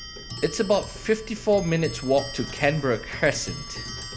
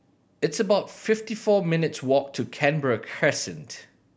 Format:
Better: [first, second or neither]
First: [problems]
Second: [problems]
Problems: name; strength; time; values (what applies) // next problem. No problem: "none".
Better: second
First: background sound (Clock); 11 dB below the speech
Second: none